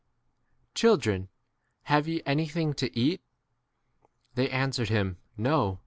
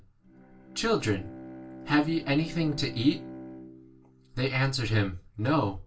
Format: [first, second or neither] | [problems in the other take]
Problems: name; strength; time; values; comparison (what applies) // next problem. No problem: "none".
first | background sound (Bowed string instrument); 16 dB below the speech // room echo; dies away in 0.2 s